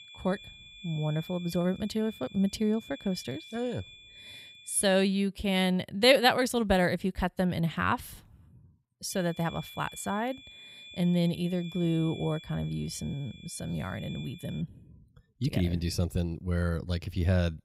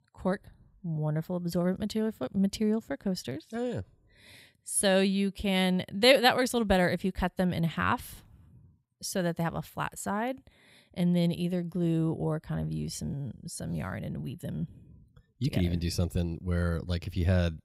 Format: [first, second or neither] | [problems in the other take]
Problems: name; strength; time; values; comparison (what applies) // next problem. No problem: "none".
second | high-pitched whine; noticeable; until 5 s and from 9 to 15 s; 3.5 kHz, 20 dB below the speech